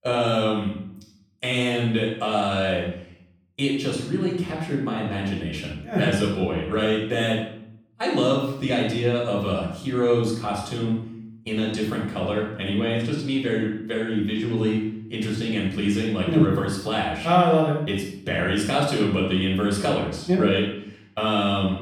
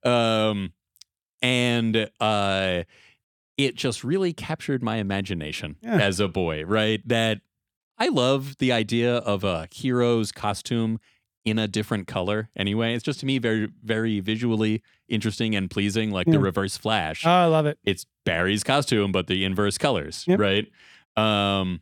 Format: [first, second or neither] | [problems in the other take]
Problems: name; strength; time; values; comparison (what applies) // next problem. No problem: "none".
second | off-mic speech; far // room echo; noticeable; dies away in 0.6 s